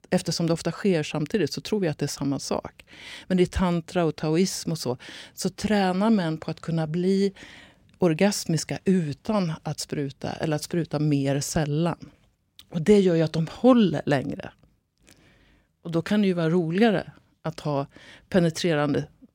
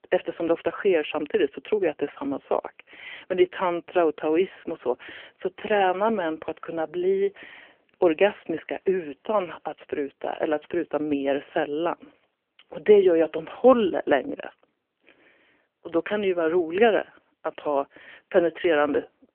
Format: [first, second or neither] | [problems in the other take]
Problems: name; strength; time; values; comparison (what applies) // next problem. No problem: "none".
first | phone-call audio; nothing above 3 kHz